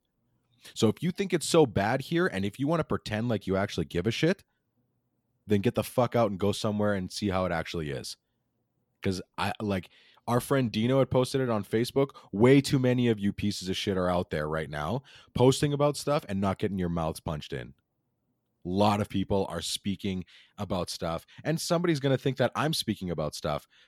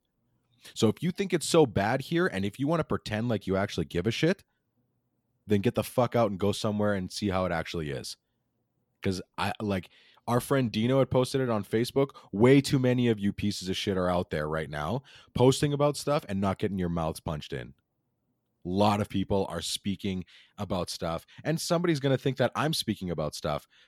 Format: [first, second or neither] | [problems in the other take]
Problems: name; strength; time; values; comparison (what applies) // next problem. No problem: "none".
neither | none